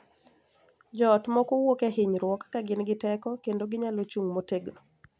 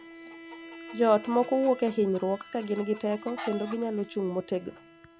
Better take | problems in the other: first | background sound (Chicken, rooster + Bowed string instrument); 16 dB below the speech

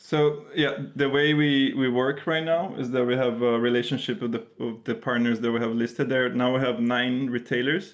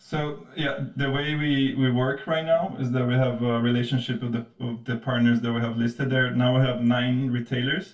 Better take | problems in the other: first | room echo; dies away in 0.1 s

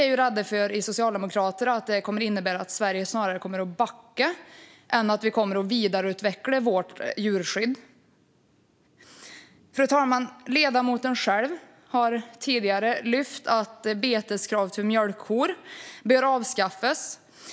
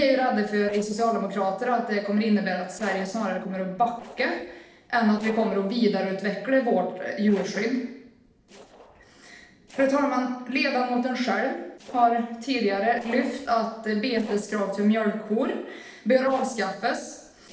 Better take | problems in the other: first | noise reduction (neural separator model SepFormer DNS4)

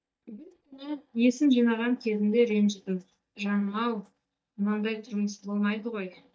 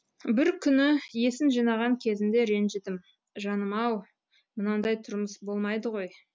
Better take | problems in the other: second | noise reduction (neural mask model DeepFilterNet 3)

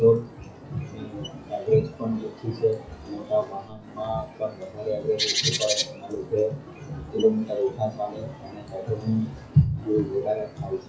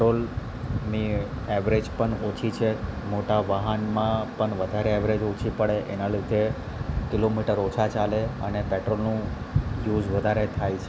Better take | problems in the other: second | noise reduction (classical method WPE with log-MMSE)

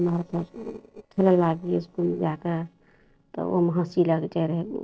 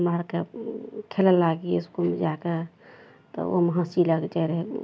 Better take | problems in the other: second | noise reduction (neural separator model SepFormer DNS4)

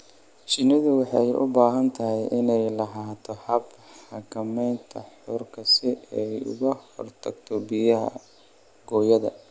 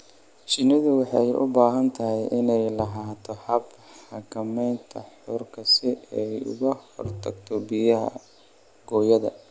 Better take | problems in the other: first | background sound (Tap); 14 dB below the speech

